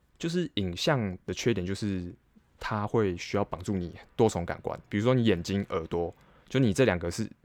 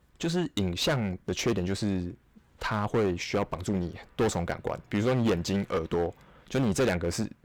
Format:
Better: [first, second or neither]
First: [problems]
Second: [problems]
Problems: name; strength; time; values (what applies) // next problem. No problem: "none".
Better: first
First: none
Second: distortion; heavy; 10% of the sound clipped